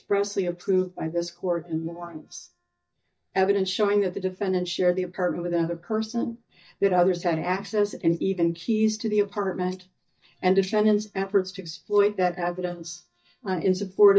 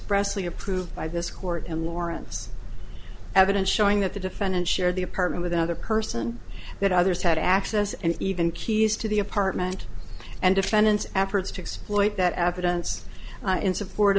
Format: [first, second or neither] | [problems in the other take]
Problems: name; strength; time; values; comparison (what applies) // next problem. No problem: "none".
second | noise reduction (neural mask model DeepFilterNet 3)